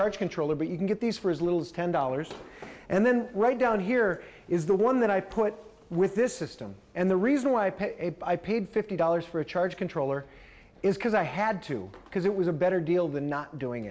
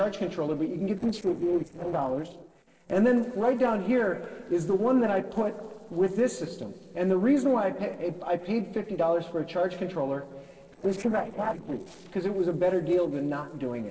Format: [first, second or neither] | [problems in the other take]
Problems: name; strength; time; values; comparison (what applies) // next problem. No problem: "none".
first | noise reduction (neural separator model SepFormer DNS4)